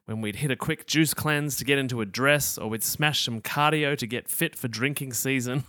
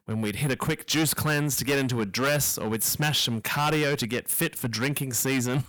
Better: first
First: none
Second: distortion; heavy; 14% of the sound clipped

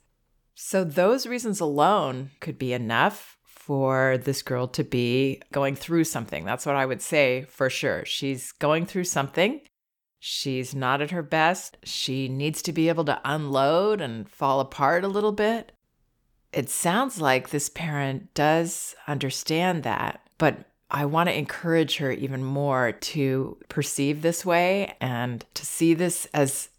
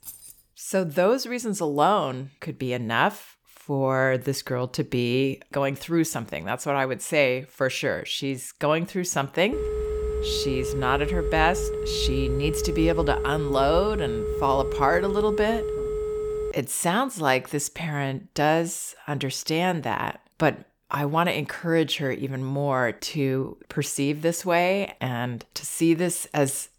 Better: first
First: none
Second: jangling keys; faint; at the start; peak 15 dB below the speech // phone ringing; noticeable; from 9.5 to 17 s; peak 2 dB below the speech

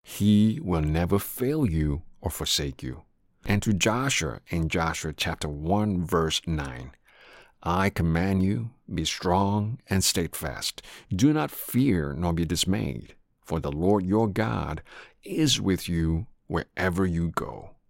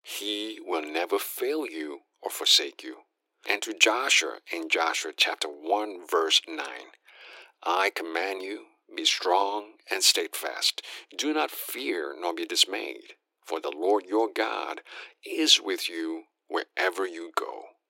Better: first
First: none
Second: thin; very; fading below 300 Hz

